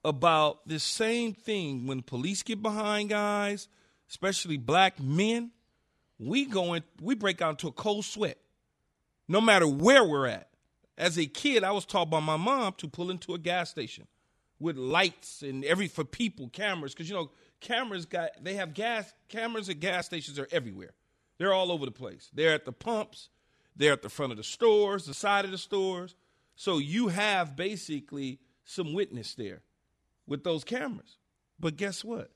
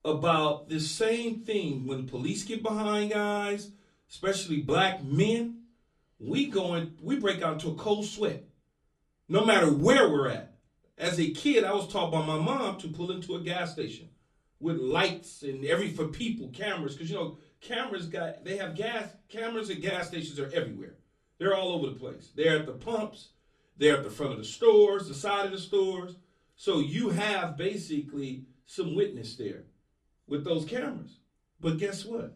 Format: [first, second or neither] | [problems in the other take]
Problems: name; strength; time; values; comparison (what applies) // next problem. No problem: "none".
first | off-mic speech; far // room echo; very slight; dies away in 0.3 s